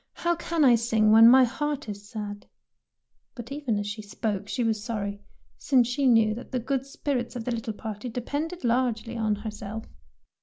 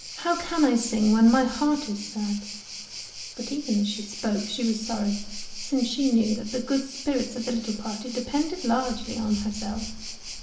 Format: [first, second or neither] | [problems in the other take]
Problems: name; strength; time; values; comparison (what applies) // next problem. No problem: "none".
first | background sound (Waves, surf); 13 dB below the speech // room echo; dies away in 0.7 s